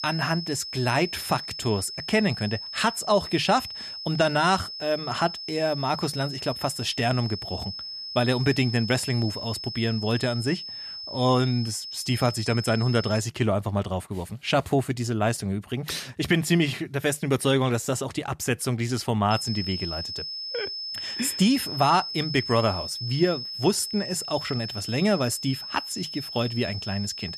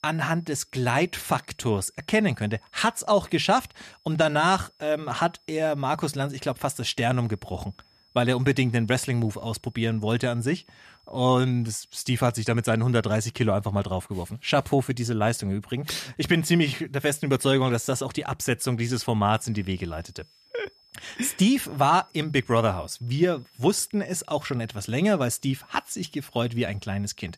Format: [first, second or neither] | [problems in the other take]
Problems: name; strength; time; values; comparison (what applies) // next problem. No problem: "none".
second | high-pitched whine; loud; until 13 s and from 19 s on; 5 kHz, 7 dB below the speech; faint in the second